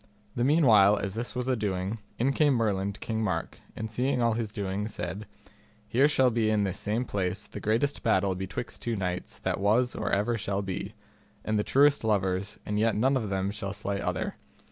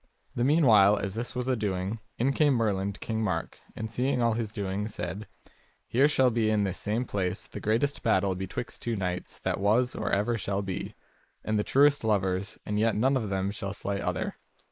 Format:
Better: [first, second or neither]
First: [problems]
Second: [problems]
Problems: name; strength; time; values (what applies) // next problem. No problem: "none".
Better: first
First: none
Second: noise reduction (neural mask model Resemble Enhance denoiser)